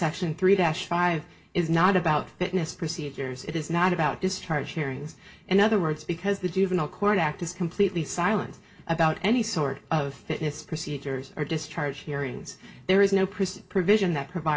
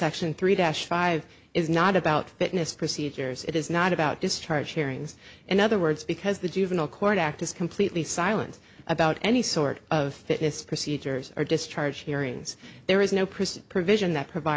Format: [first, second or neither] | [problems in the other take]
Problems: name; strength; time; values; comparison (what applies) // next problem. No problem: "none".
second | room echo; dies away in 0.2 s